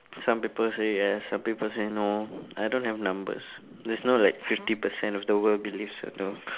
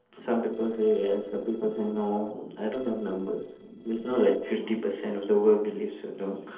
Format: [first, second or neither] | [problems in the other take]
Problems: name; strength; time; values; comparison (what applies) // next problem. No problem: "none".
first | noise reduction (neural separator model SepFormer DNS4)